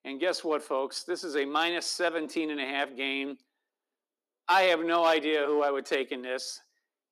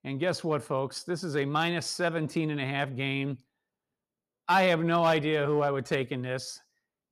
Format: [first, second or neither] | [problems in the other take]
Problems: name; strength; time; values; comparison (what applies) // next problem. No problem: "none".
second | thin; somewhat; fading below 250 Hz